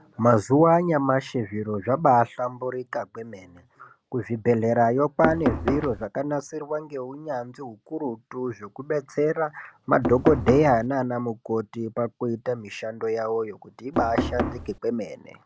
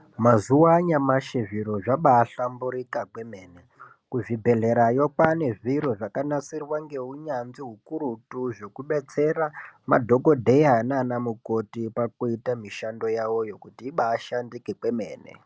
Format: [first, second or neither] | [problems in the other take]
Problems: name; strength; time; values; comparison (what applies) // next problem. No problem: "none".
second | background sound (Knock); 3 dB below the speech